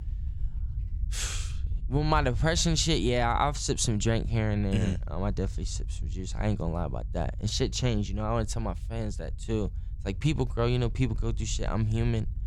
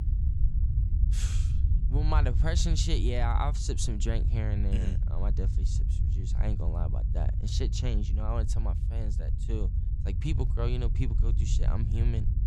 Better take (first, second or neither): first